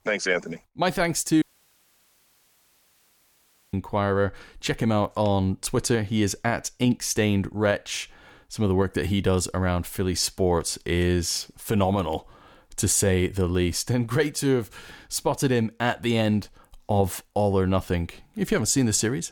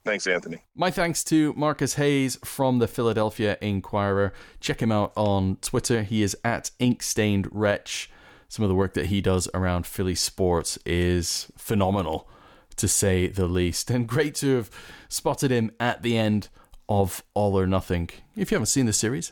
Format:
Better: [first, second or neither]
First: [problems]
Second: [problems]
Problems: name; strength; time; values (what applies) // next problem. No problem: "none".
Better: second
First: audio cutting out; at 1.5 s for 2.5 s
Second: none